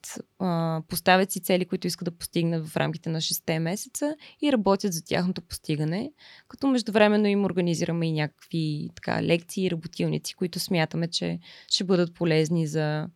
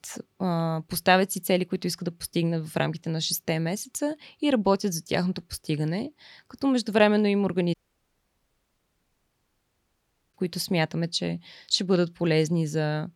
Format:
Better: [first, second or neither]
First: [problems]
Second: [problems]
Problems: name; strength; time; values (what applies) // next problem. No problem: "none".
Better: first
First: none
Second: audio cutting out; at 7.5 s for 2.5 s